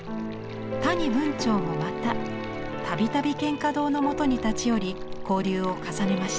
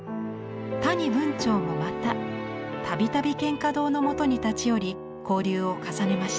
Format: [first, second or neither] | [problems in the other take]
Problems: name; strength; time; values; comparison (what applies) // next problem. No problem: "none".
second | background sound (Stream); 11 dB below the speech